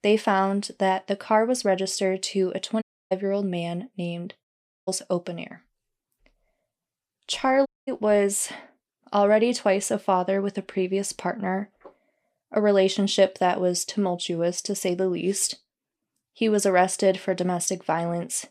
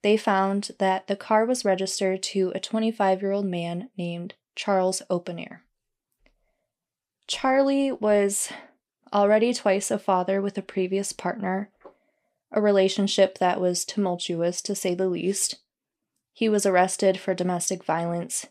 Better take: second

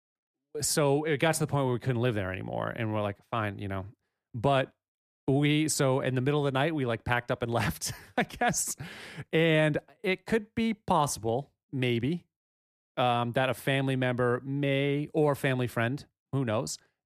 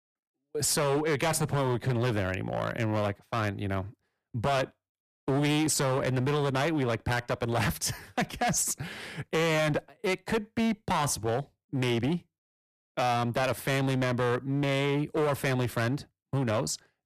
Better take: first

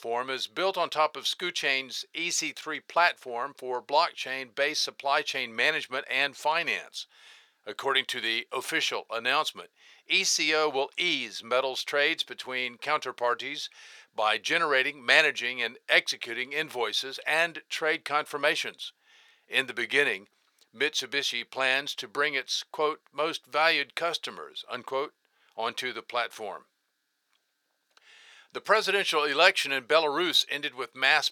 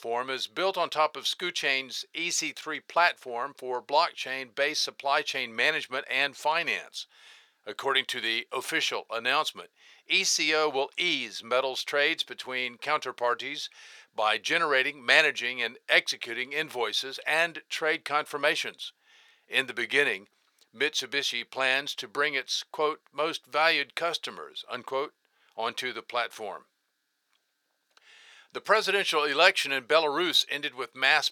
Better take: neither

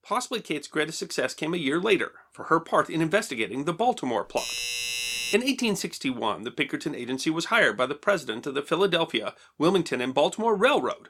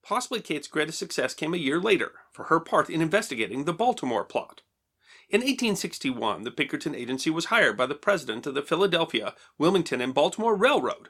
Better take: second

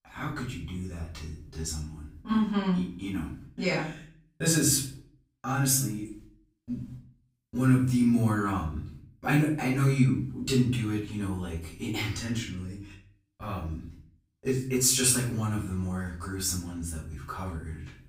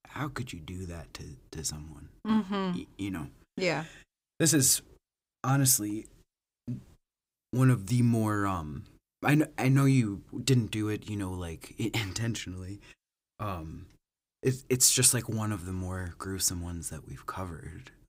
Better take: second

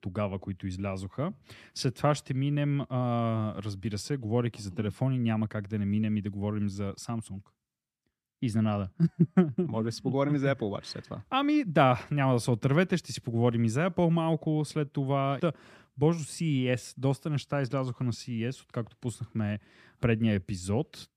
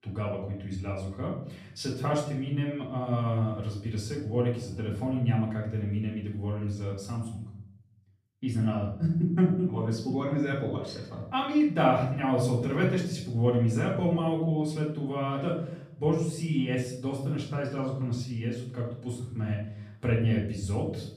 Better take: first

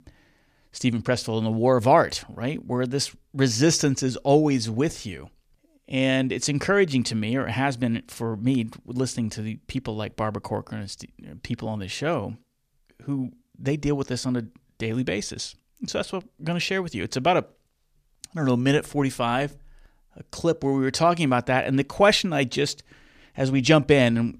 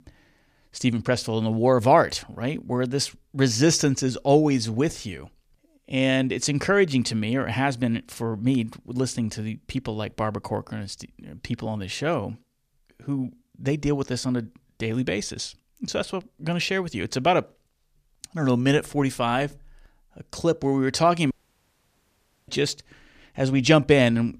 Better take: first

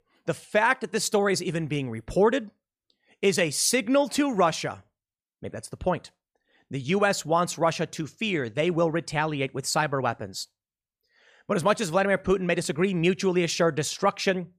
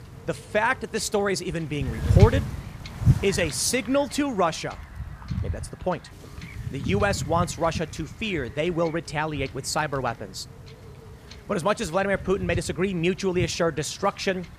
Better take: first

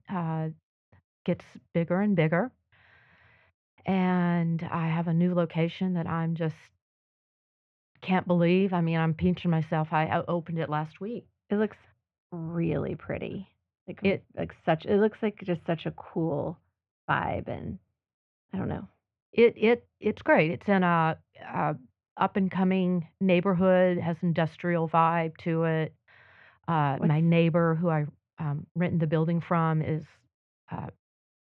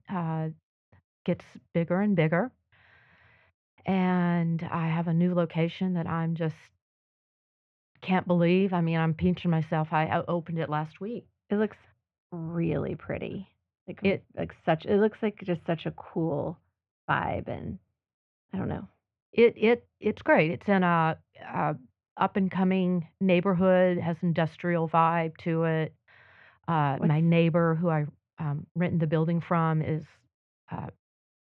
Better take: neither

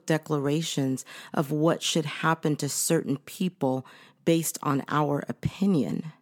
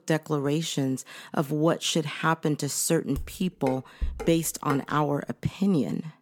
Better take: first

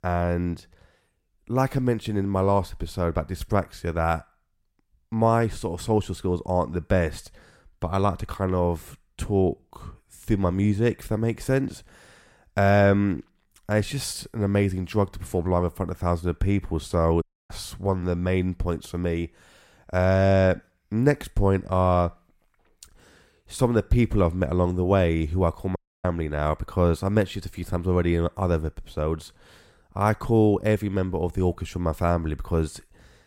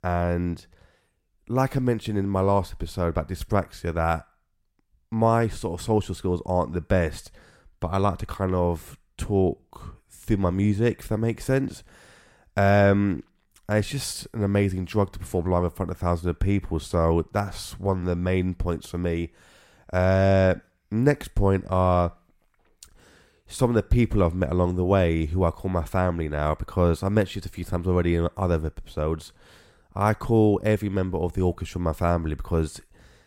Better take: second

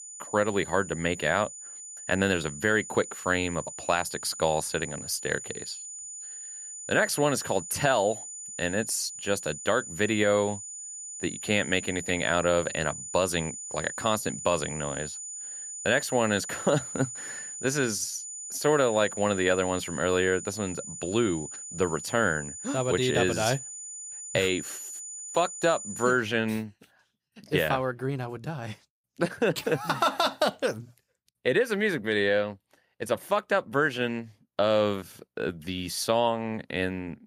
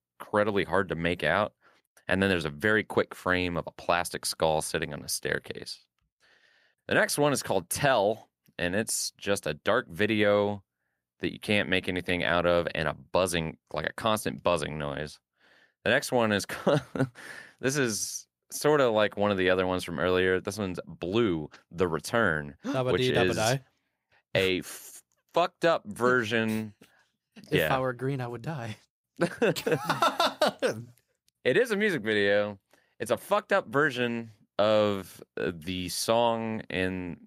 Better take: second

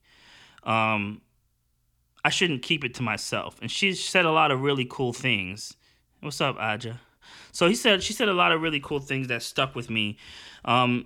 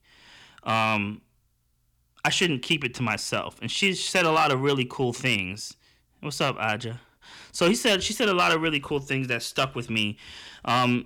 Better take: first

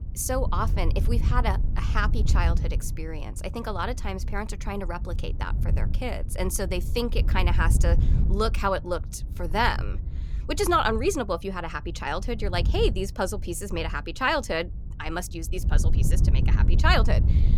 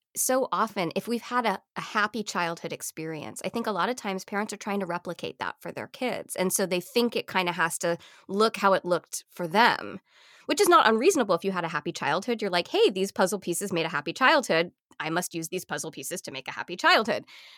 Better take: second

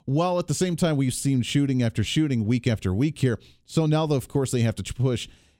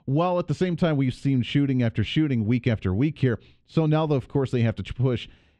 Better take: first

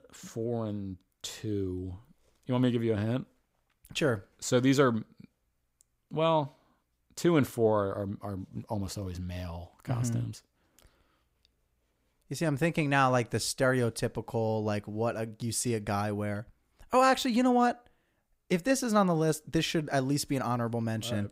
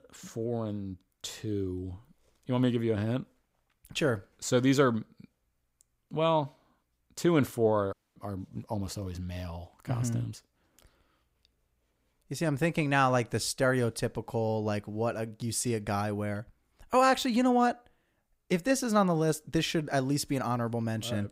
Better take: first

